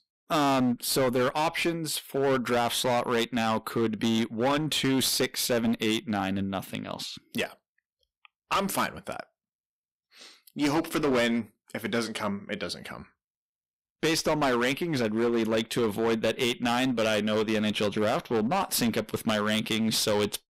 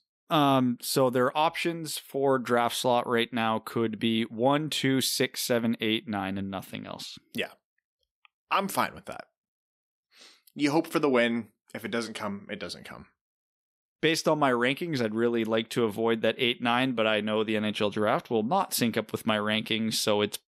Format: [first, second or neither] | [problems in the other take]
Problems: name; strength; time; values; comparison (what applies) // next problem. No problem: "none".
second | distortion; heavy; 13% of the sound clipped